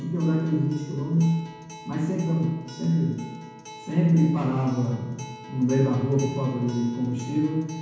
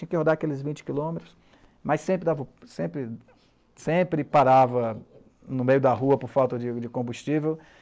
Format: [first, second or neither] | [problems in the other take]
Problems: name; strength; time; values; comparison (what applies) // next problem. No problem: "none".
second | background sound (Acoustic guitar); 18 dB below the speech // room echo; dies away in 1.2 s